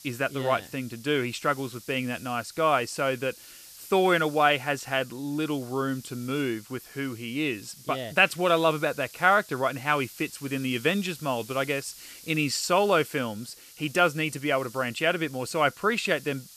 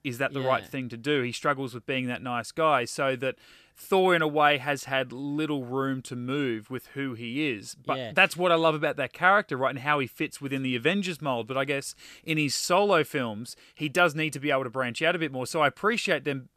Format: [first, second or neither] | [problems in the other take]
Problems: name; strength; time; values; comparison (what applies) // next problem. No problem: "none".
second | hiss; noticeable; throughout; 20 dB below the speech